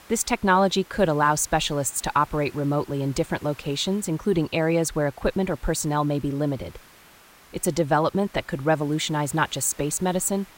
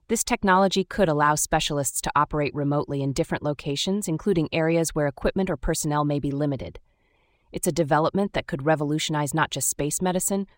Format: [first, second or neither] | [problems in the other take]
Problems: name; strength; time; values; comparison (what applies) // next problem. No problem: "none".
second | hiss; faint; throughout; 25 dB below the speech